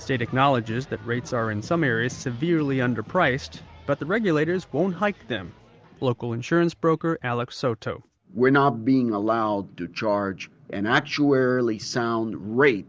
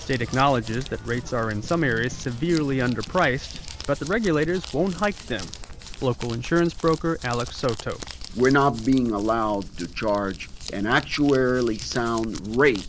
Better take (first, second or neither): first